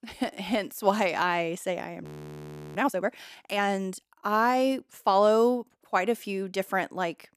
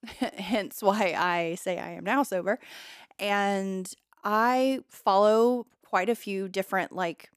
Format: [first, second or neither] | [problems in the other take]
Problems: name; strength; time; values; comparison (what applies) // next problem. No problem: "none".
second | audio freezing; at 2 s for 0.5 s